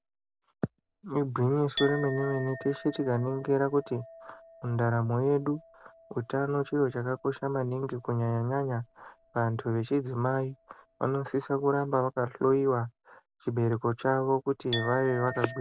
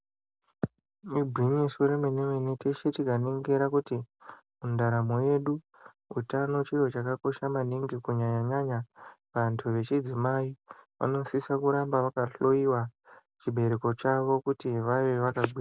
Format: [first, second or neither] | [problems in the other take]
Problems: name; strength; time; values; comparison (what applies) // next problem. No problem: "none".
second | background sound (Chink, clink); 17 dB below the speech